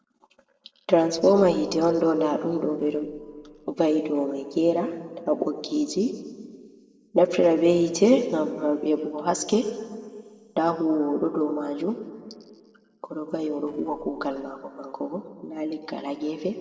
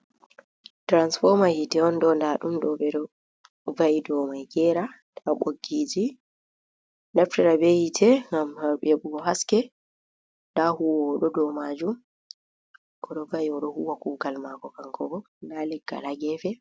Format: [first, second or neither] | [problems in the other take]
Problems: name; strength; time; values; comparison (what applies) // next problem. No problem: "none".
second | noise reduction (neural separator model SepFormer DNS4)